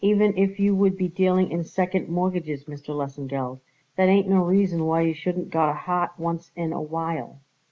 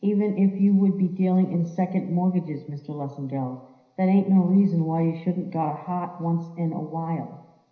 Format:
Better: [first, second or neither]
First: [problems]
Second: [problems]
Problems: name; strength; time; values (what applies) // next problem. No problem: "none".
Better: first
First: none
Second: room echo; dies away in 0.9 s